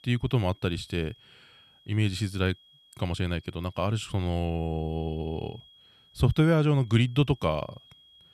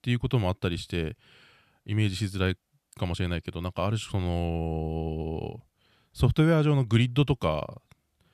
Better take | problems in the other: second | high-pitched whine; faint; throughout; 3.5 kHz, 25 dB below the speech

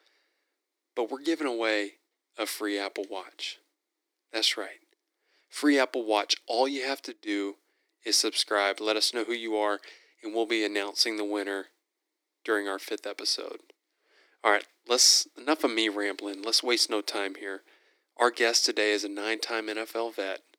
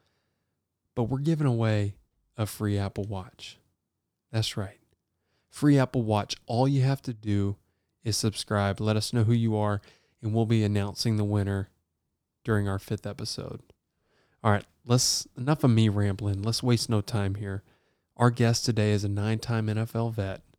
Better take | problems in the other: second | thin; very; fading below 300 Hz

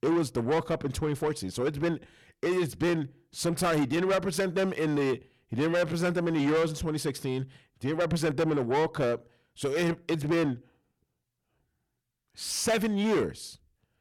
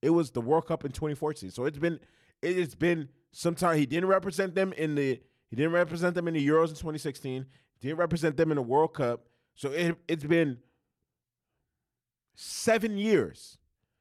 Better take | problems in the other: second | distortion; heavy; 7 dB below the speech

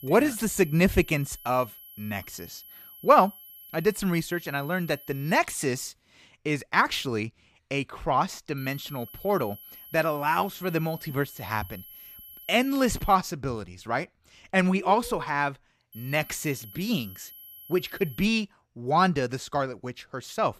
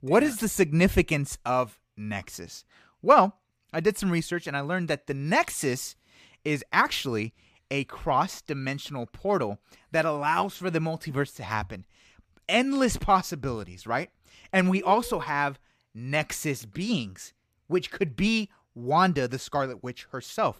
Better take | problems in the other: second | high-pitched whine; noticeable; until 5.5 s, from 8.5 to 13 s and from 16 to 18 s; 11.5 kHz, 20 dB below the speech

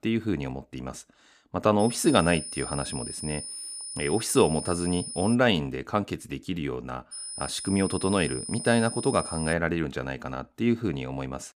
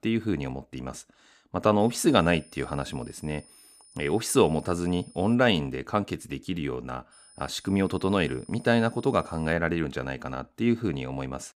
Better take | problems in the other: second | high-pitched whine; loud; from 2 to 5.5 s and from 7 to 9.5 s; 9.5 kHz, 8 dB below the speech; faint in the second

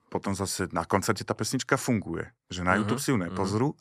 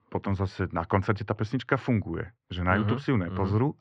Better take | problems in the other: first | muffled; very; fading above 3 kHz

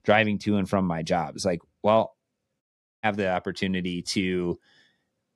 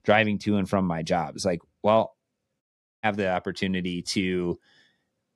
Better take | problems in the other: neither | audio cutting out; at 2.5 s; the same in both

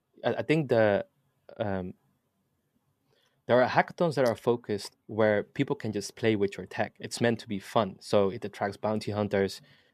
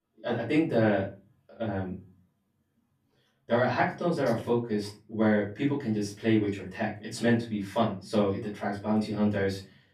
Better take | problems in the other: first | off-mic speech; far // room echo; slight; dies away in 0.3 s

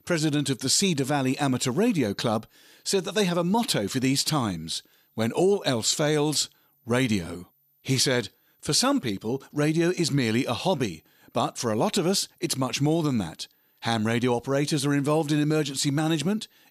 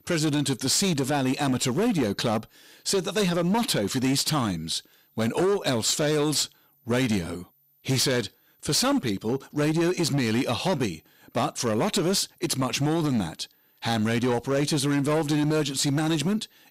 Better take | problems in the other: first | distortion; slight; 13% of the sound clipped

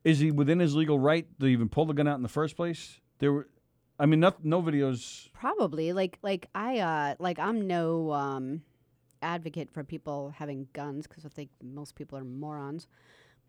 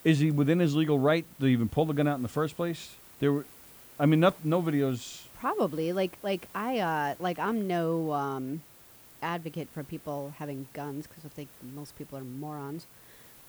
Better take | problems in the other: first | hiss; faint; throughout; 20 dB below the speech

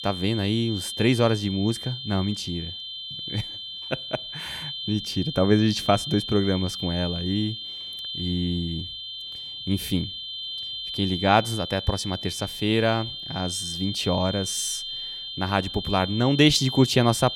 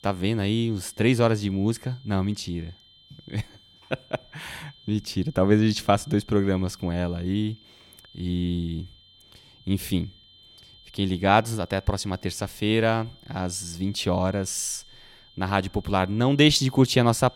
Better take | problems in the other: second | high-pitched whine; loud; throughout; 3 kHz, 7 dB below the speech; faint in the second

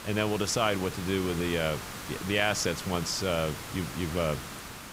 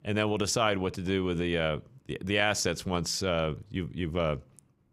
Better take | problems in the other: second | hiss; loud; throughout; 9 dB below the speech

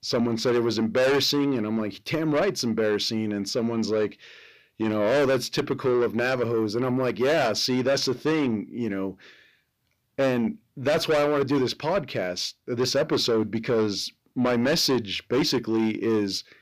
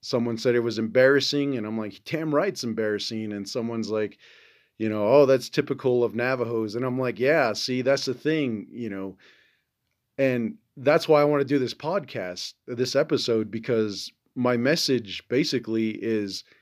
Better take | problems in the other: second | distortion; heavy; 6 dB below the speech

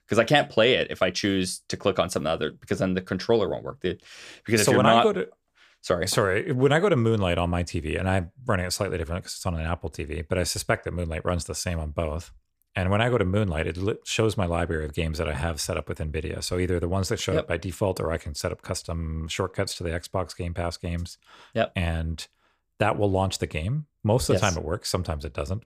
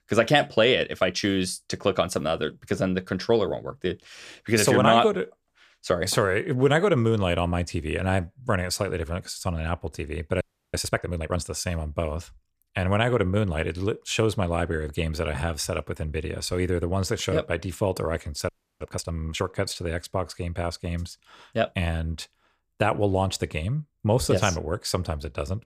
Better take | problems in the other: first | audio freezing; at 10 s and at 18 s

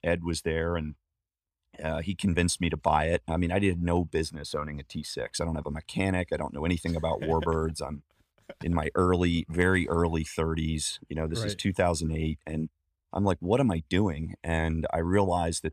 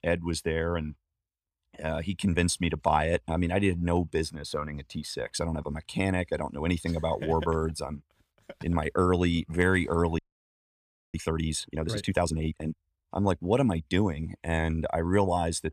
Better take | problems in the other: first | audio freezing; at 10 s for 1 s

